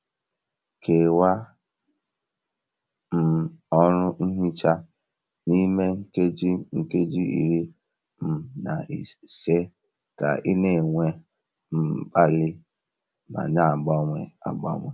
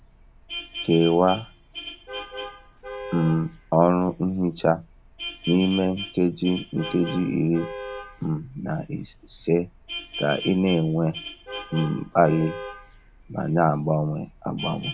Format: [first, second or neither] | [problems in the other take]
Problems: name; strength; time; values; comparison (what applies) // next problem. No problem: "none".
first | background sound (Vehicle horn, car horn, honking); 13 dB below the speech